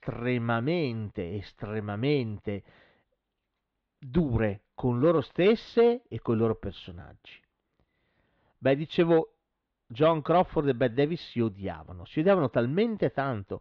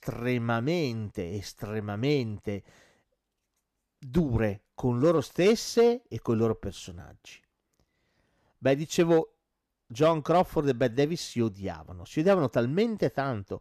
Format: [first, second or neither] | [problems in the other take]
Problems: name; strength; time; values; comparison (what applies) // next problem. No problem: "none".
second | muffled; slightly; fading above 3.5 kHz